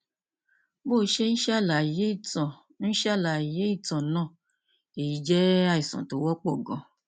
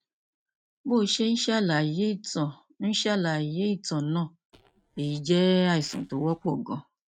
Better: first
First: none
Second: noise reduction (neural mask model RNNoise)

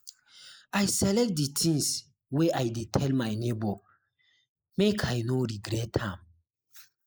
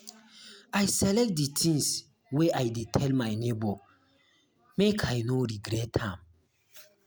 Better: second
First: noise reduction (neural mask model Resemble Enhance denoiser)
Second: none

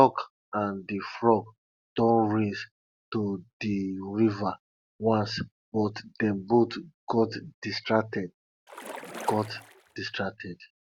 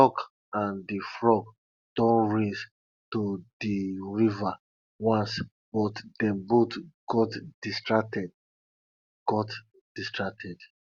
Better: second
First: background sound (Splash, splatter); 14 dB below the speech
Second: none

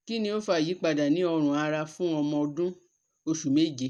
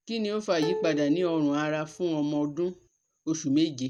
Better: first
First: none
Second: background sound (Plucked string instrument); 10 dB below the speech

